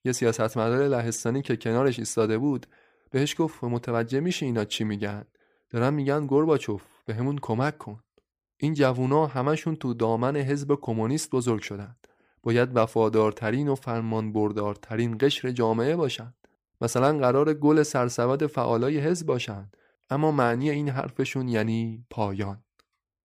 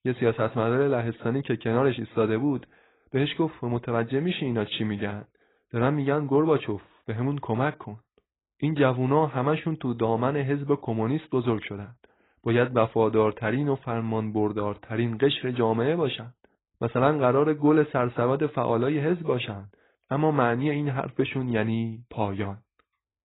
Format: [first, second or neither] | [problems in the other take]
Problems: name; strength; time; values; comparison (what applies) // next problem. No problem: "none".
first | garbled, watery; badly; nothing above 4 kHz